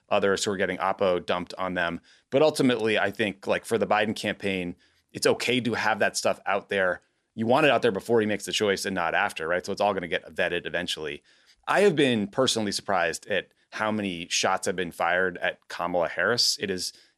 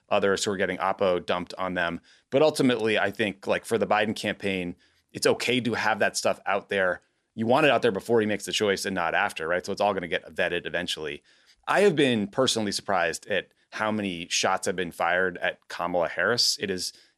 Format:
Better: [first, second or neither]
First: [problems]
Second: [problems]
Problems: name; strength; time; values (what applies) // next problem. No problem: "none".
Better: neither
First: none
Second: none